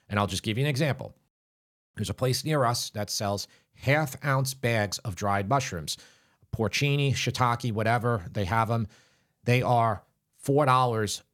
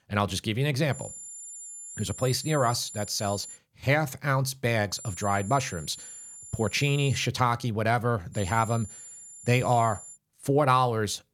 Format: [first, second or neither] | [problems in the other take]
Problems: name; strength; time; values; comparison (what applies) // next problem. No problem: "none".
first | high-pitched whine; noticeable; from 1 to 3.5 s, from 5 to 7.5 s and from 8.5 to 10 s; 7 kHz, 15 dB below the speech